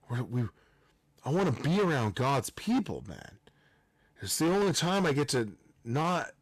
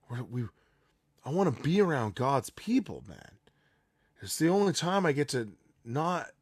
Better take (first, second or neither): second